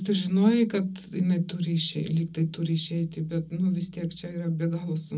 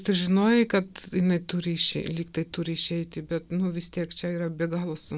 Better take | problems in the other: second | room echo; dies away in 0.4 s

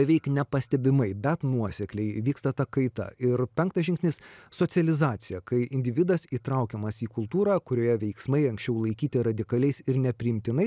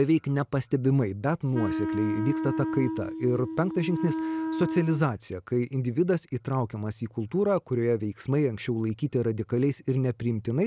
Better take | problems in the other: first | background sound (Wind instrument, woodwind instrument); 4 dB below the speech

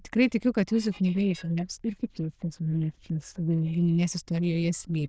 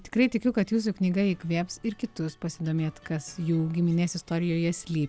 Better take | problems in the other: second | noise reduction (neural diffusion model UNIVERSE++)

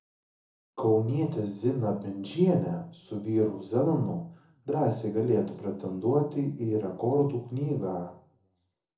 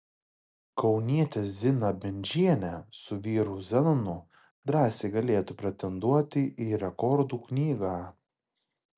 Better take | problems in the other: second | room echo; dies away in 0.6 s

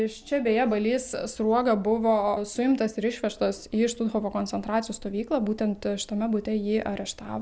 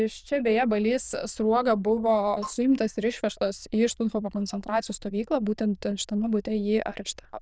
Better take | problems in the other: first | noise reduction (neural diffusion model UNIVERSE++)

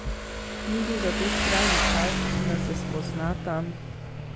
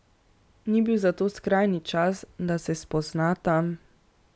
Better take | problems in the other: second | background sound (Motorcycle); 5 dB above the speech

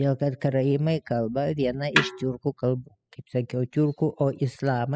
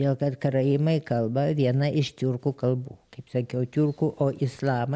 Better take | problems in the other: second | noise reduction (classical method spectral subtraction)

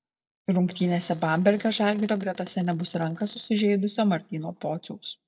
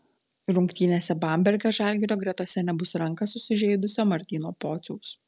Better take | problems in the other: second | noise reduction (neural mask model DeepFilterNet 3)

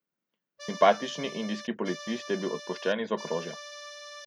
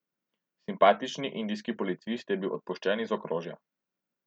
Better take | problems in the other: second | background sound (Accordion); 12 dB below the speech

